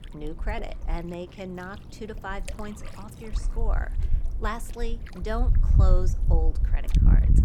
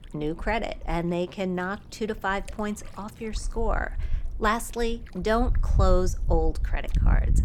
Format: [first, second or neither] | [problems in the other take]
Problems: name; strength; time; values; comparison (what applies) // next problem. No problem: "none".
second | wind noise on the microphone; heavy; 8 dB below the speech; occasional gusts in the second